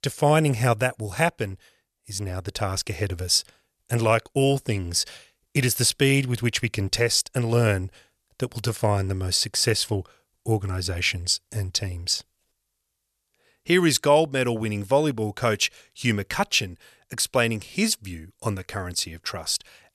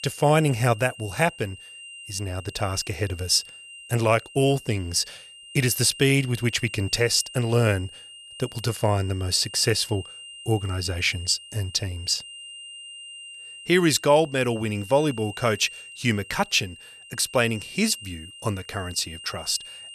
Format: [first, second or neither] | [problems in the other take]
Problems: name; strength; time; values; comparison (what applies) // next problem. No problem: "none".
first | high-pitched whine; noticeable; throughout; 3 kHz, 15 dB below the speech